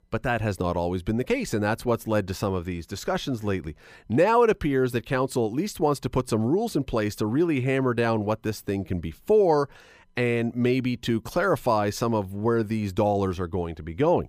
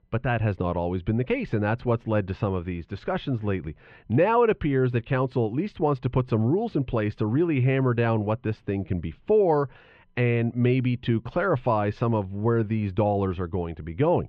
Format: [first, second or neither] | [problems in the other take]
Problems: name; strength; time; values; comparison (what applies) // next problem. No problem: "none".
first | muffled; very; fading above 3 kHz